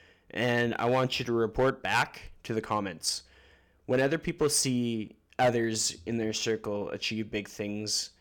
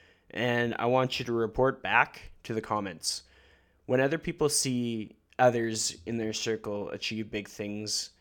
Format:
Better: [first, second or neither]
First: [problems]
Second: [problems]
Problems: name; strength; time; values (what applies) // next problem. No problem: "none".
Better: second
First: distortion; slight; 2% of the sound clipped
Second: none